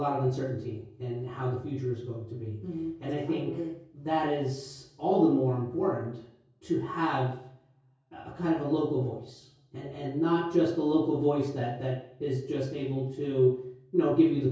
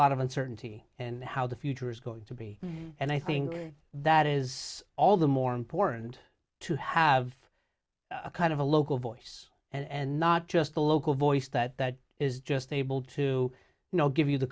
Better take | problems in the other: second | room echo; dies away in 0.6 s

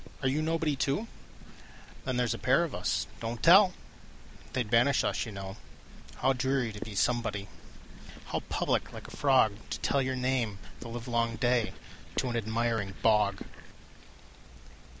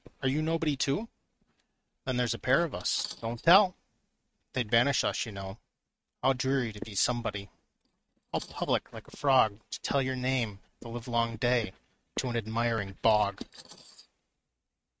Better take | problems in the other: first | noise reduction (neural mask model RNNoise)

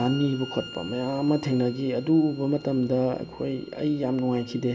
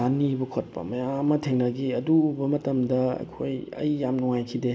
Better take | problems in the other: second | background sound (Bowed string instrument); 20 dB below the speech

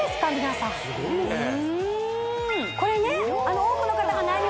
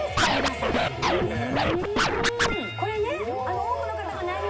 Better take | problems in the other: first | background sound (Scratching (performance technique)); 3 dB above the speech // room echo; dies away in 0.4 s

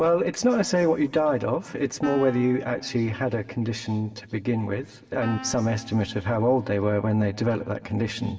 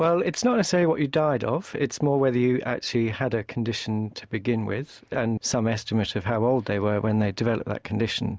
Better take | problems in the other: second | background sound (Wind instrument, woodwind instrument); 18 dB below the speech // room echo; dies away in 2.7 s

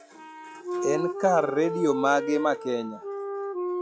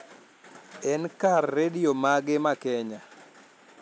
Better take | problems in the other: second | noise reduction (classical method log-MMSE)

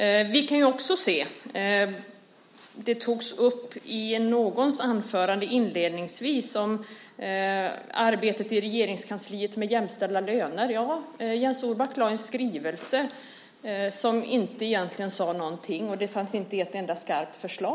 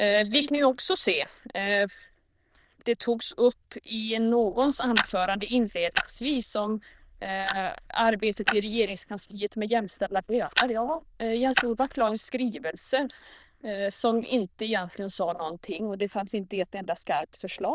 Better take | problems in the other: first | noise reduction (neural diffusion model UNIVERSE++)

